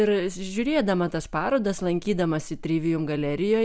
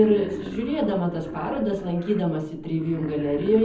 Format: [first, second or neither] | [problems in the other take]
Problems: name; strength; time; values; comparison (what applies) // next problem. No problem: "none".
first | background sound (Wild animals); 14 dB below the speech // room echo; dies away in 0.7 s